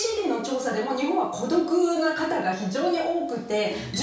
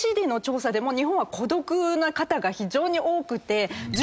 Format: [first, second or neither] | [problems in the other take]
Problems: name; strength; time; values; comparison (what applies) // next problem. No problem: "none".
second | room echo; dies away in 0.6 s